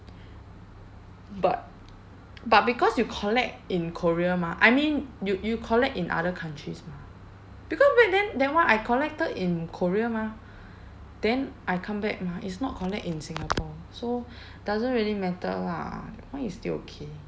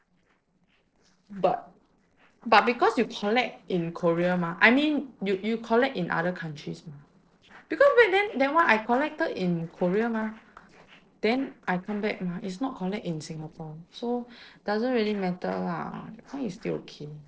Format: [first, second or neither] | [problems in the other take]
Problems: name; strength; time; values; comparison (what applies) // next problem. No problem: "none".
first | noise reduction (neural separator model SepFormer DNS4)